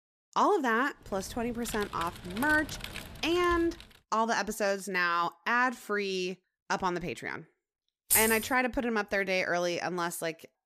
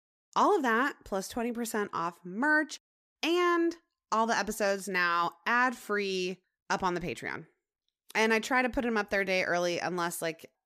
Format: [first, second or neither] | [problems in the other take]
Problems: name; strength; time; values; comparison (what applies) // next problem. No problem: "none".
second | keyboard typing; noticeable; from 1 to 4 s; peak 10 dB below the speech // jangling keys; loud; at 8 s; peak 5 dB above the speech